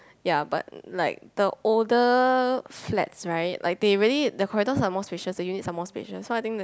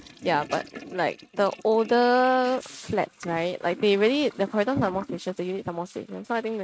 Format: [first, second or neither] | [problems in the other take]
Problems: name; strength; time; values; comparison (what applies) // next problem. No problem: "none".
first | noise reduction (neural mask model RNNoise)